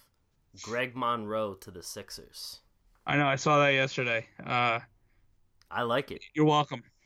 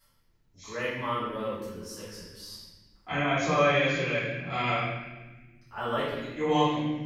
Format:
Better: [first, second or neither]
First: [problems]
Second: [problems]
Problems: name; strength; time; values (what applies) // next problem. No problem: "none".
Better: first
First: none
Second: off-mic speech; far // room echo; strong; dies away in 1.3 s